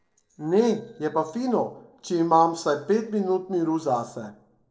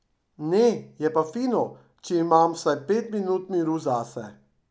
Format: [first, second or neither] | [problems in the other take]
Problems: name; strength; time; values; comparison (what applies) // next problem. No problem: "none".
second | noise reduction (neural separator model SepFormer DNS4)